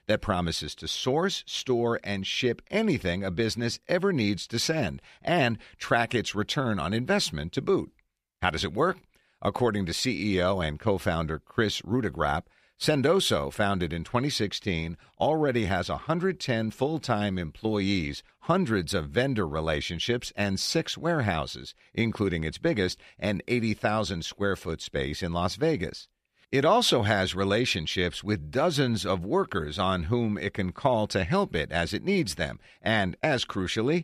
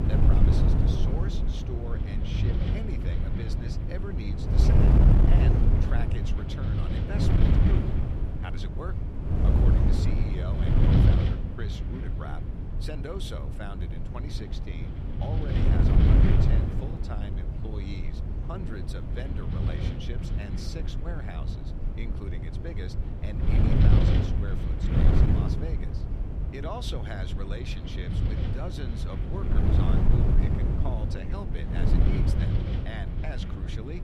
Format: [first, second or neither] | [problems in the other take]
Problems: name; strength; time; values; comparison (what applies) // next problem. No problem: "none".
first | wind noise on the microphone; heavy; 4 dB above the speech